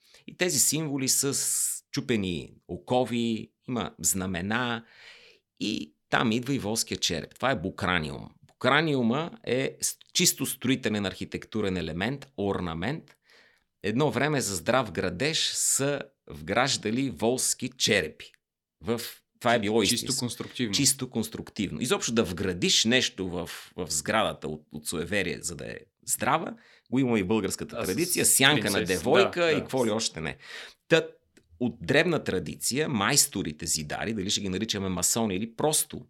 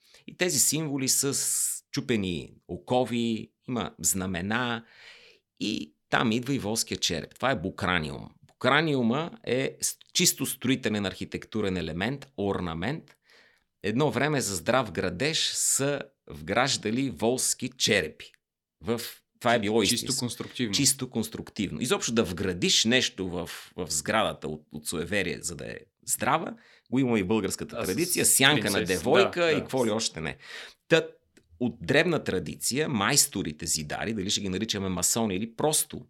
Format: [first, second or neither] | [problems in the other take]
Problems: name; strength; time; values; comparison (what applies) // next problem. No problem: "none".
neither | none